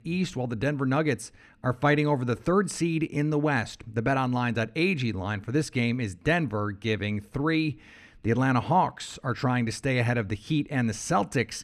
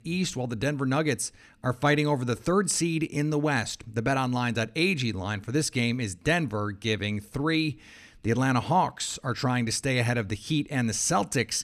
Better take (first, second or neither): second